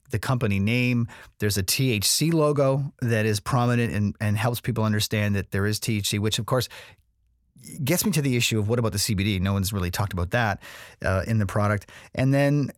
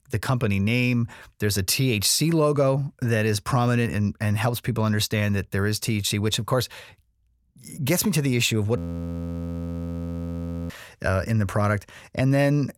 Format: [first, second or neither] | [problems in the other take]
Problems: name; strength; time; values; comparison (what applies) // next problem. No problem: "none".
first | audio freezing; at 9 s for 2 s